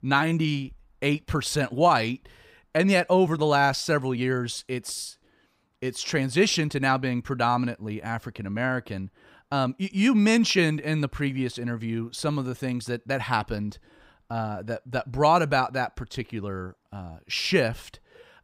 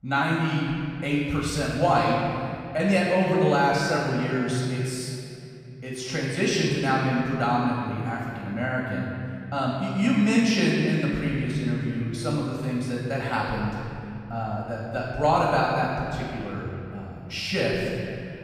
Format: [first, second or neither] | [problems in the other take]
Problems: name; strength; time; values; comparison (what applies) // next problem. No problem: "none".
first | off-mic speech; far // room echo; strong; dies away in 2.6 s